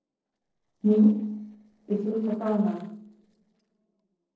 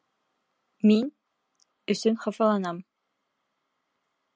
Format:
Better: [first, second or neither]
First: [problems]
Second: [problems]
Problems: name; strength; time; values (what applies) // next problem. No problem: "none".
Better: second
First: noise reduction (neural separator model SepFormer DNS4)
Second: none